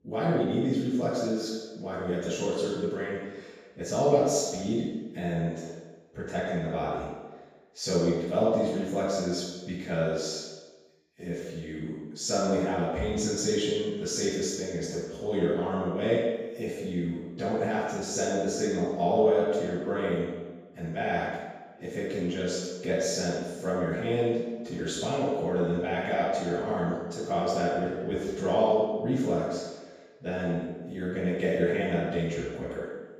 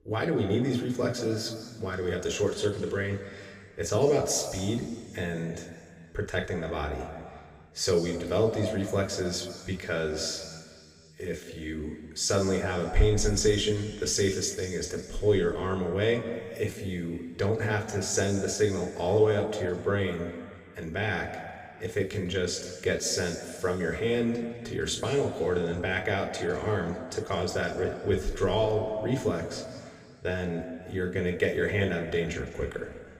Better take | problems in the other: second | room echo; strong; dies away in 1.2 s; slight in the second // off-mic speech; far; somewhat distant in the second

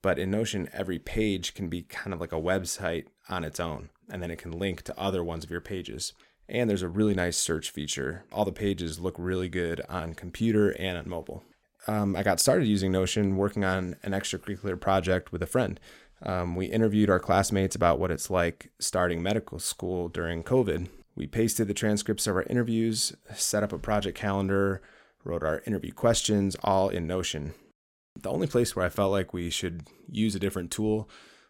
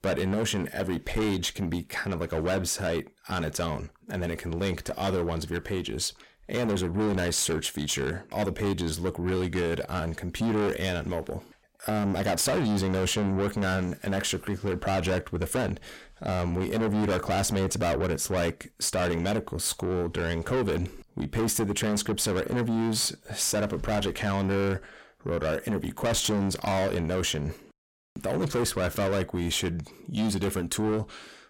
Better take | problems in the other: first | distortion; heavy; 6 dB below the speech

